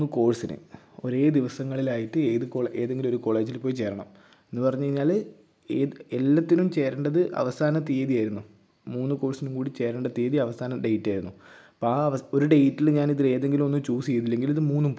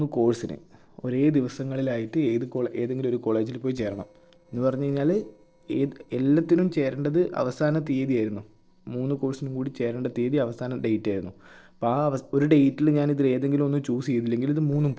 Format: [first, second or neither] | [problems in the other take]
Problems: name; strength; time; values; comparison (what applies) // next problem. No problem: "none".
first | noise reduction (neural separator model SepFormer DNS4)